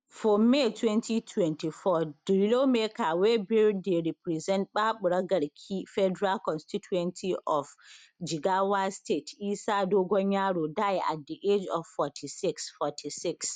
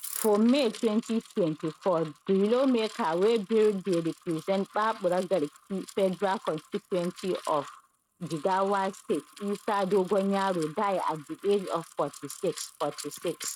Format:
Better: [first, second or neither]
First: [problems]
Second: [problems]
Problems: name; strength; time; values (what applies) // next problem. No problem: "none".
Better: first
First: none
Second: noise reduction (neural mask model RNNoise)